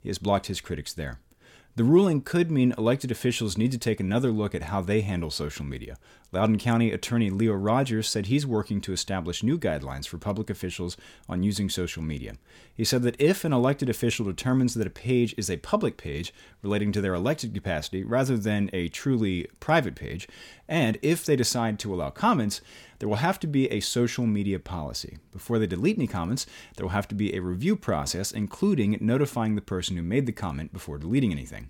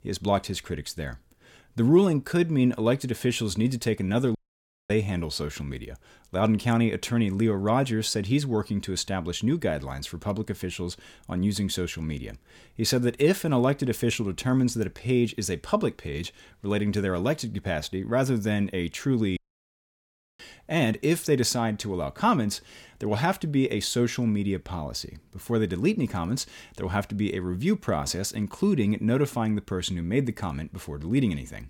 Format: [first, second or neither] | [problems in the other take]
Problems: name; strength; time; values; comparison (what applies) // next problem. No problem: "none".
first | audio cutting out; at 4.5 s for 0.5 s and at 19 s for 1 s